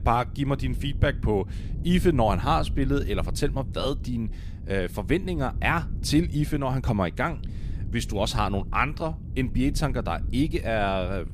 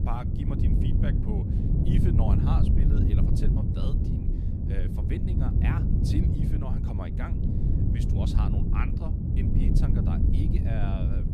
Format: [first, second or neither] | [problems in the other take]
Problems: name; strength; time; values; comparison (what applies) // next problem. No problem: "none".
first | wind noise on the microphone; heavy; 3 dB above the speech; occasional gusts in the first